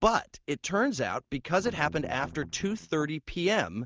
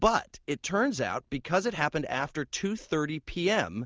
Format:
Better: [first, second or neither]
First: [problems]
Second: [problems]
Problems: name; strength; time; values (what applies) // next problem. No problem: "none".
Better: second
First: noise reduction (neural mask model DeepFilterNet 3)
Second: none